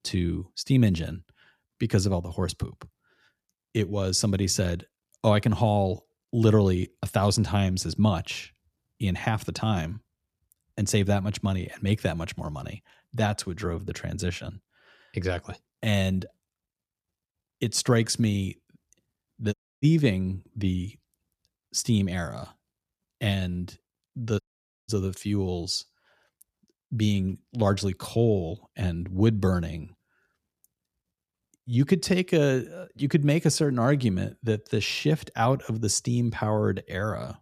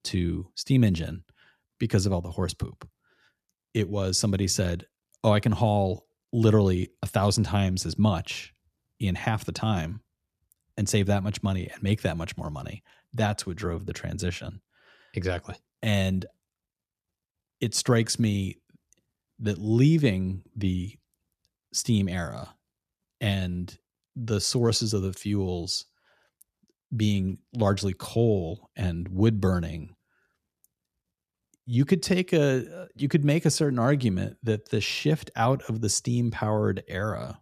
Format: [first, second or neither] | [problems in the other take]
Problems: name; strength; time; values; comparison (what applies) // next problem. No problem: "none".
second | audio cutting out; at 20 s and at 24 s